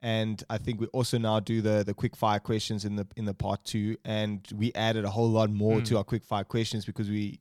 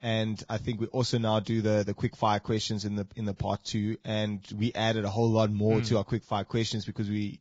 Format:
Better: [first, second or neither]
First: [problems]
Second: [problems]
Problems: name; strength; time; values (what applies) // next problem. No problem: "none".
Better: first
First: none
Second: garbled, watery; badly; nothing above 7.5 kHz